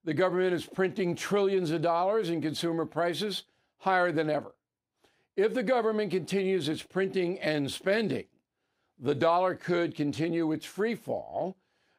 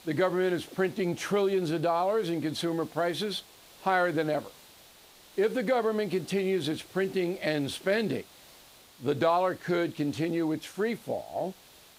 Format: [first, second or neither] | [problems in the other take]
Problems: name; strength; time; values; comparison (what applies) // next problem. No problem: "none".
first | hiss; faint; throughout; 25 dB below the speech